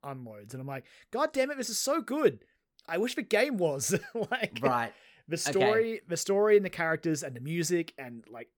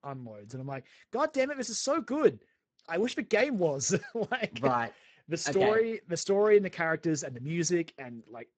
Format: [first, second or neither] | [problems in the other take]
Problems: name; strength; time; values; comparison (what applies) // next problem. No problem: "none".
first | garbled, watery; badly; nothing above 7.5 kHz